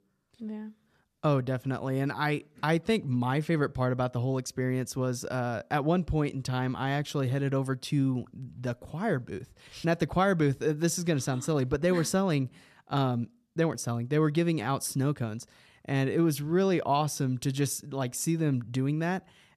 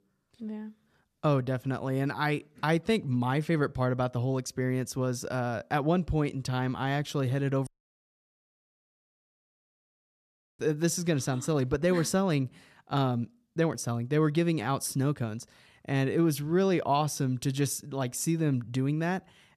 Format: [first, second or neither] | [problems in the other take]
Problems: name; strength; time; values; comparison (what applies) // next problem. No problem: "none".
first | audio cutting out; at 7.5 s for 3 s